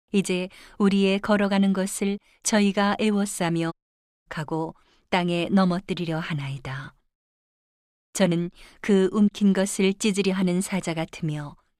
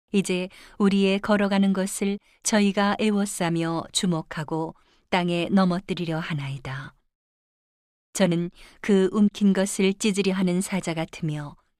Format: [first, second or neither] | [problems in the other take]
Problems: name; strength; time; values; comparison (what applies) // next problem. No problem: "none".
second | audio cutting out; at 3.5 s for 0.5 s